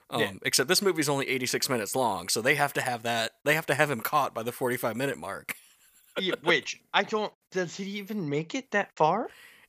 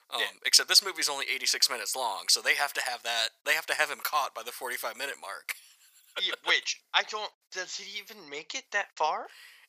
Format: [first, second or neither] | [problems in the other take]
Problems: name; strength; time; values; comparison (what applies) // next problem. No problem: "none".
first | thin; very; fading below 800 Hz